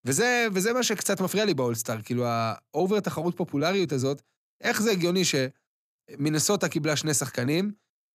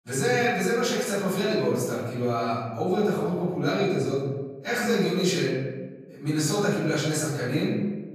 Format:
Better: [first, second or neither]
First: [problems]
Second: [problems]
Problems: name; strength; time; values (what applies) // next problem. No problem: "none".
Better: first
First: none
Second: off-mic speech; far // room echo; noticeable; dies away in 1.2 s